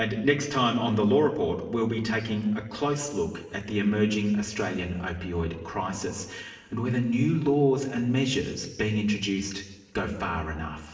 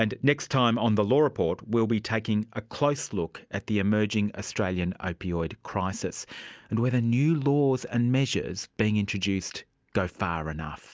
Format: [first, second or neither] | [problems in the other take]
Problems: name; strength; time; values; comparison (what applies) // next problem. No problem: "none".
second | room echo; dies away in 1.1 s